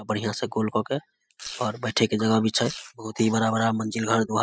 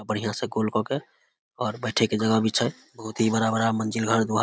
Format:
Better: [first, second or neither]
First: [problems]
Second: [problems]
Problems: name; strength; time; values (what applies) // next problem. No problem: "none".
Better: second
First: noise reduction (classical method spectral subtraction)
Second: none